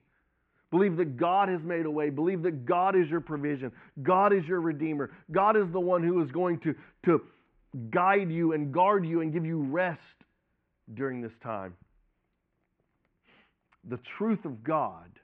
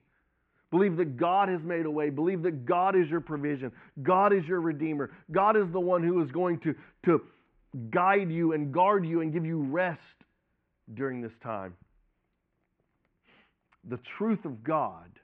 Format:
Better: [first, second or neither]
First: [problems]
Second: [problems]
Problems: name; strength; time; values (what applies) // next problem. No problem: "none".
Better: neither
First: muffled; very; fading above 2.5 kHz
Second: muffled; very; fading above 2.5 kHz